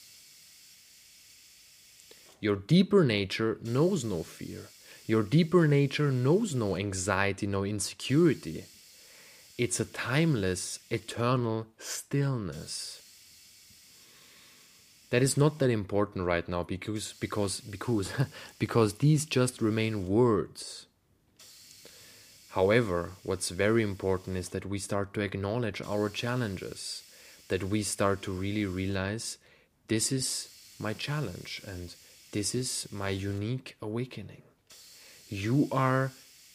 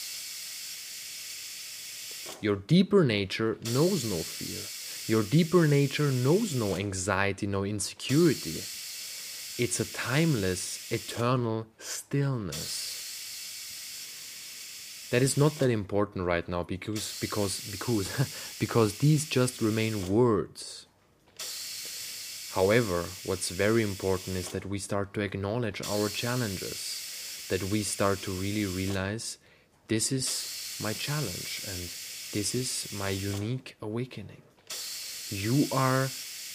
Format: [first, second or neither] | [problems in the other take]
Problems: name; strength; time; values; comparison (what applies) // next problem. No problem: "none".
first | hiss; loud; throughout; 8 dB below the speech; faint in the first